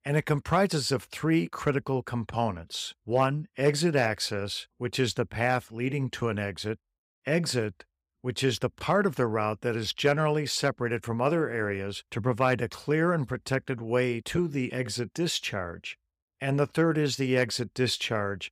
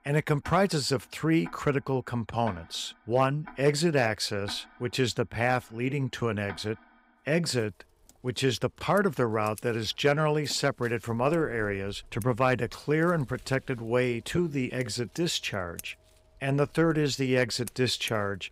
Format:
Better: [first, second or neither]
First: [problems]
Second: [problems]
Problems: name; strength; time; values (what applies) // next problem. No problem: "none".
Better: first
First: none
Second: household noises; faint; throughout; 20 dB below the speech